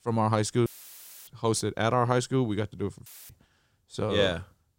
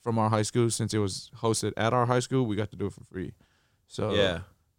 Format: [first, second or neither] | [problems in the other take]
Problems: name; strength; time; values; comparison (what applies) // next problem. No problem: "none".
second | audio cutting out; filled with static; at 0.5 s for 0.5 s and at 3 s